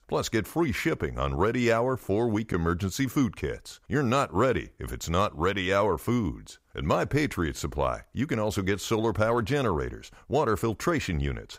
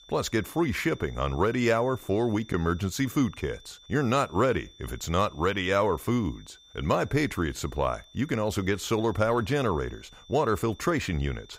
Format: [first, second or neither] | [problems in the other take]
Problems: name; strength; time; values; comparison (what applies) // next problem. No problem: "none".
first | high-pitched whine; faint; throughout; 3.5 kHz, 25 dB below the speech